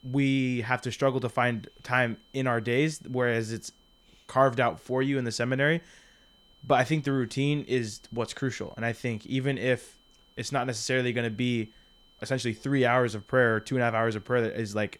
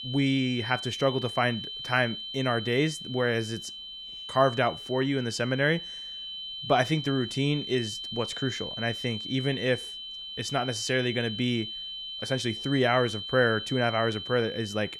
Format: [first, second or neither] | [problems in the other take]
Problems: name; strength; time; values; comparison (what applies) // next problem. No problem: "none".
first | high-pitched whine; loud; throughout; 3 kHz, 7 dB below the speech; faint in the first